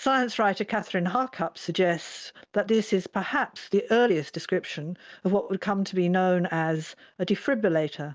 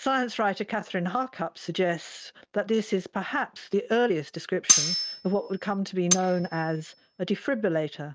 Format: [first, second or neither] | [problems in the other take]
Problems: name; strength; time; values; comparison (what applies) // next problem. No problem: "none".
first | noise reduction (neural mask model RNNoise)